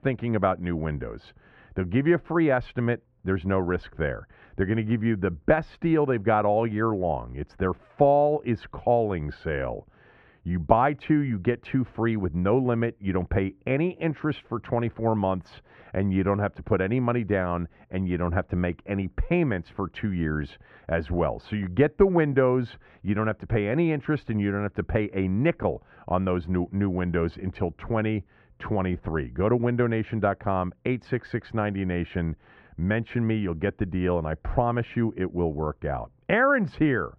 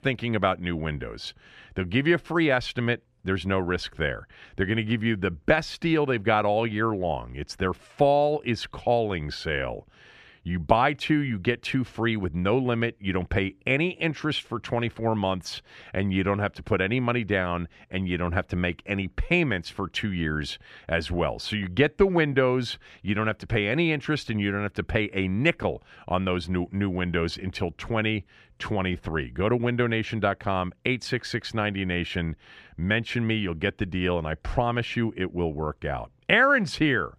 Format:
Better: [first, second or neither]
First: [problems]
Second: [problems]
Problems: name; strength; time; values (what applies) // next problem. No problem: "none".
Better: second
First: muffled; very; fading above 3 kHz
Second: none